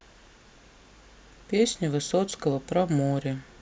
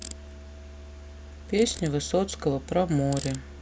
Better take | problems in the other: first | background sound (Ratchet, pawl + Musical instrument); 13 dB below the speech

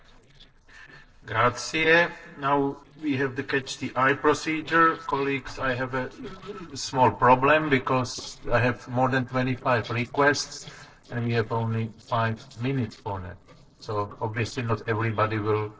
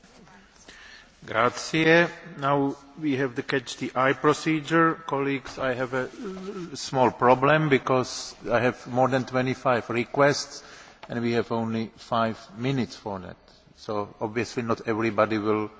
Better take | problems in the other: second | noise reduction (neural separator model SepFormer DNS4)

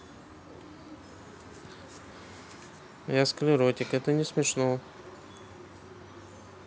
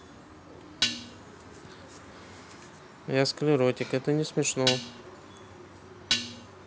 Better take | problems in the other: first | background sound (Dishes, pots, and pans); as loud as the speech

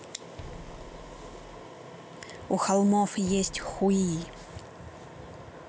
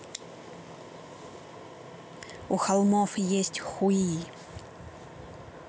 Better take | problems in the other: second | background sound (Bass drum); 18 dB below the speech

